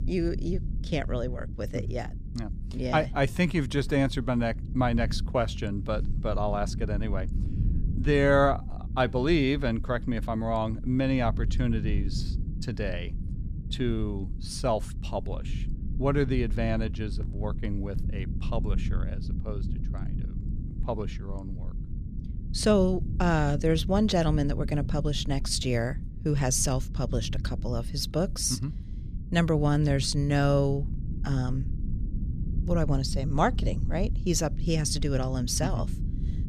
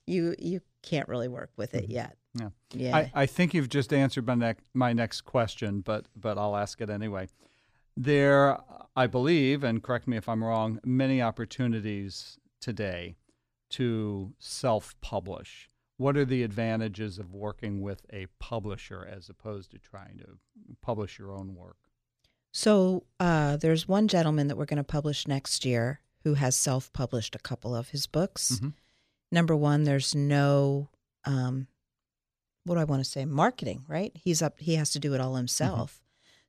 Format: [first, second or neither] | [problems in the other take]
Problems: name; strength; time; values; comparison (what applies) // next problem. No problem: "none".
second | low rumble; noticeable; throughout; 15 dB below the speech